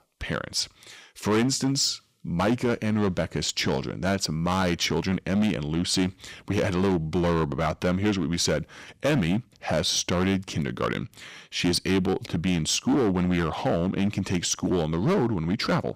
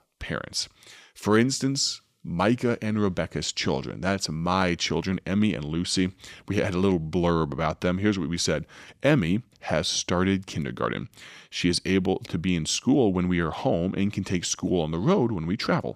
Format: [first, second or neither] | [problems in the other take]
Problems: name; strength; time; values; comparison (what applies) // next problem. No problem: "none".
second | distortion; slight; 9% of the sound clipped